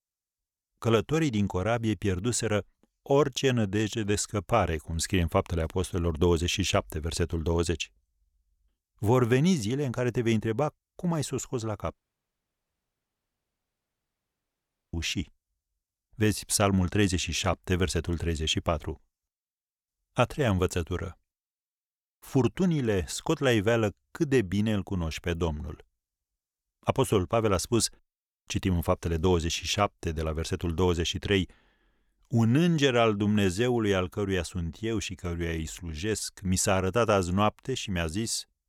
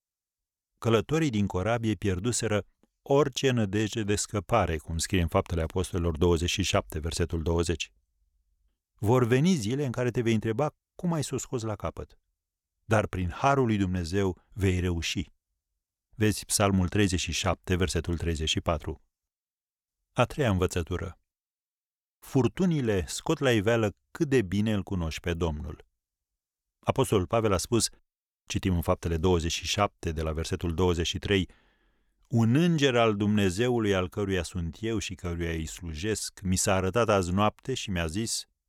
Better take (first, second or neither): second